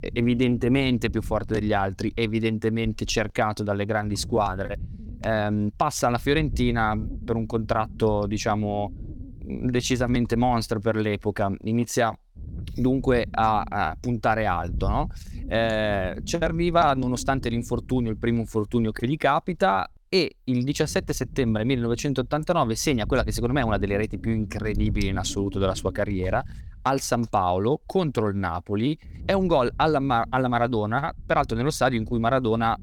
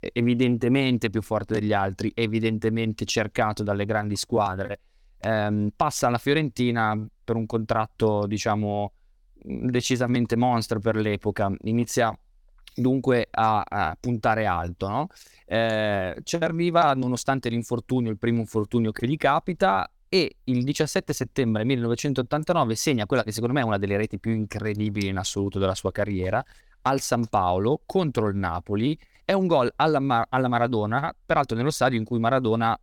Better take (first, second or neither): second